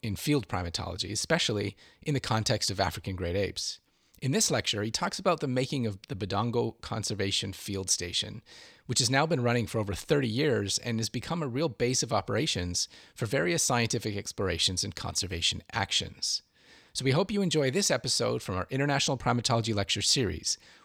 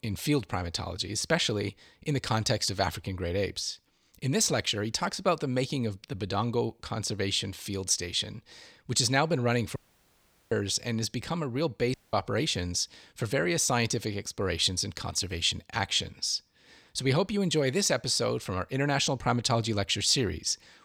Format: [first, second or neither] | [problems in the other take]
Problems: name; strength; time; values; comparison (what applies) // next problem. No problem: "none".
first | audio cutting out; at 10 s for 1 s and at 12 s